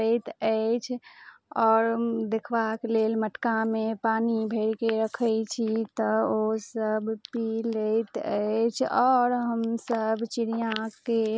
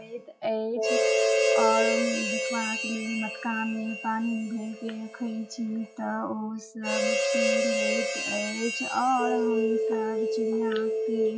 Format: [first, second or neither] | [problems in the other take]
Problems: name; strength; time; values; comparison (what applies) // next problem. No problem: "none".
first | noise reduction (classical method log-MMSE)